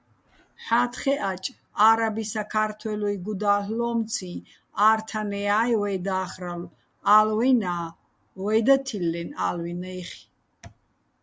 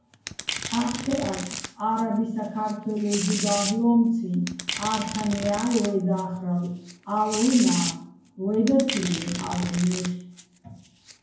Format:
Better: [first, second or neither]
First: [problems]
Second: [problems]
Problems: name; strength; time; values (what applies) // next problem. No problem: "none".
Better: first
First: none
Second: background sound (Domestic sounds, home sounds); 9 dB below the speech // room echo; dies away in 0.9 s